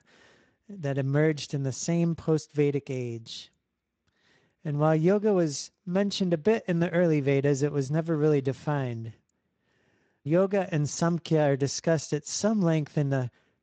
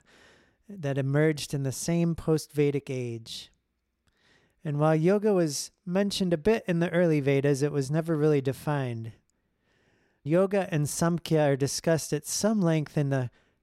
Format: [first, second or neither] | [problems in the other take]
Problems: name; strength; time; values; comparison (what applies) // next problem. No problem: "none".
second | garbled, watery; slightly; nothing above 7.5 kHz